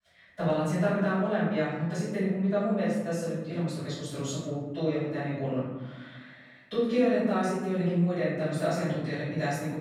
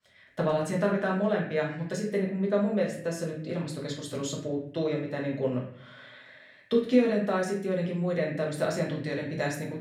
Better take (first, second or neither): second